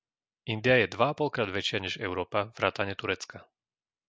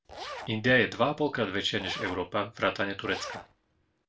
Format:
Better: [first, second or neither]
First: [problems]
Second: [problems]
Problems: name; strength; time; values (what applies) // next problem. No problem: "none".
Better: first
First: none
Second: background sound (Zipper (clothing)); 14 dB below the speech // room echo; dies away in 0.2 s